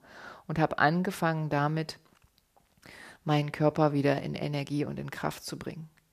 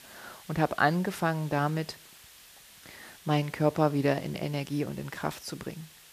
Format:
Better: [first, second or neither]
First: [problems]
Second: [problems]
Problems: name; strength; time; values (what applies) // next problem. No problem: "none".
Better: first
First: none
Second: hiss; faint; throughout; 20 dB below the speech